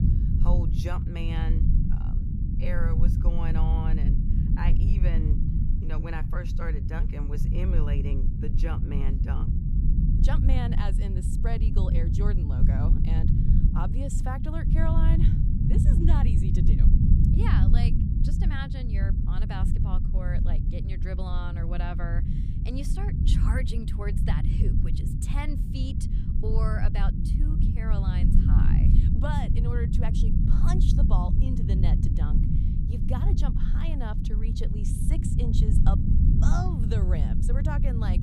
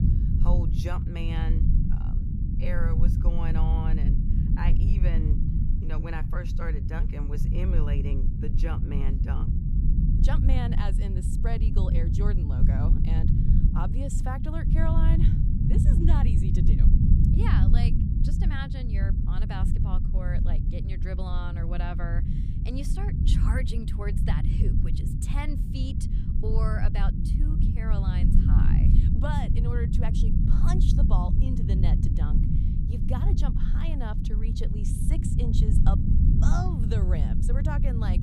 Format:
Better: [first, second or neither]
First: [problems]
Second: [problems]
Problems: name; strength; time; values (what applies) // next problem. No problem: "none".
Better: neither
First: low rumble; loud; throughout; as loud as the speech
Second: low rumble; loud; throughout; as loud as the speech